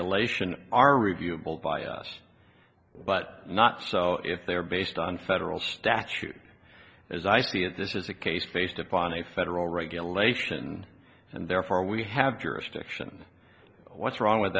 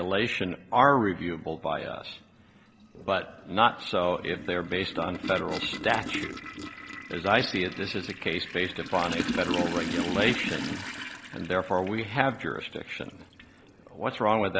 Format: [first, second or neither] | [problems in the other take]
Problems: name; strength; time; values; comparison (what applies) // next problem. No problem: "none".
first | background sound (Toilet flush); 9 dB below the speech